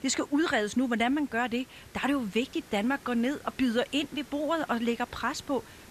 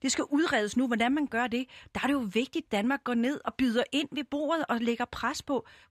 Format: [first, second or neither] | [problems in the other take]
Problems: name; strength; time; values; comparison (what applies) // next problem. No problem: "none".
second | hiss; faint; throughout; 20 dB below the speech